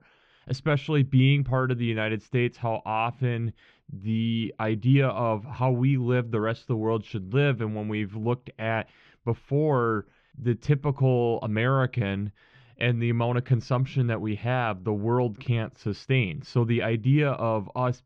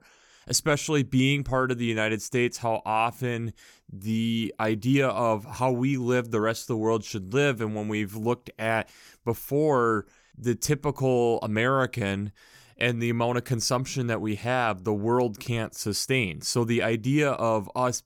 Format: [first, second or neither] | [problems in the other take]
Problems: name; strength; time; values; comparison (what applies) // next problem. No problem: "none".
second | muffled; very; fading above 3.5 kHz